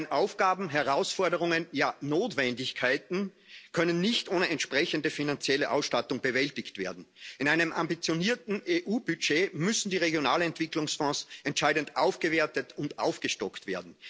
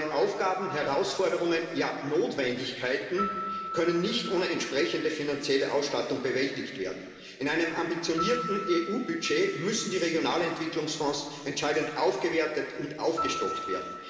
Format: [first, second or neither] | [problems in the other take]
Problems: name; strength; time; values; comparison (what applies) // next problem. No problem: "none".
first | background sound (Piano); 12 dB below the speech // room echo; dies away in 2.3 s